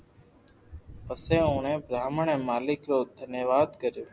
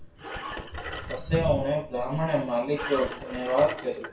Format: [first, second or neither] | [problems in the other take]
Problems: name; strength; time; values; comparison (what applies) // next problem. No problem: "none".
first | background sound (Engine); 11 dB below the speech // room echo; dies away in 0.4 s